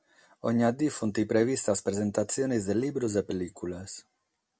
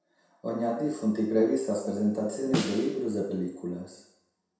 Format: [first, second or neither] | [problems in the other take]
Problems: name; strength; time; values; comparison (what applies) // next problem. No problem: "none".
first | background sound (Snare drum); 9 dB below the speech // room echo; dies away in 0.7 s